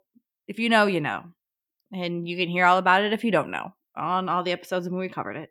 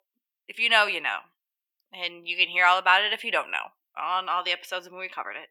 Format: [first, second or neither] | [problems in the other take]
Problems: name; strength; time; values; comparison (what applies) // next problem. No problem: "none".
first | thin; very; fading below 800 Hz